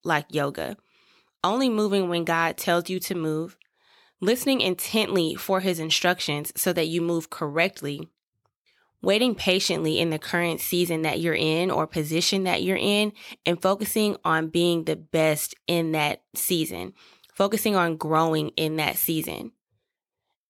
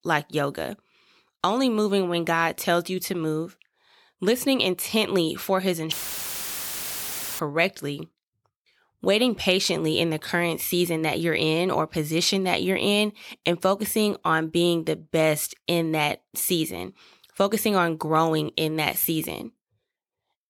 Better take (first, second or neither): first